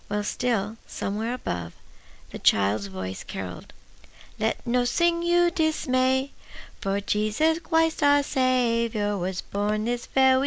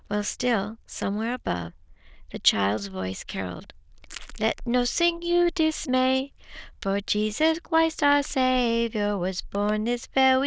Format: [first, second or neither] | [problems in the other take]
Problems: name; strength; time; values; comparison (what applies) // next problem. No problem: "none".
first | noise reduction (neural diffusion model UNIVERSE++)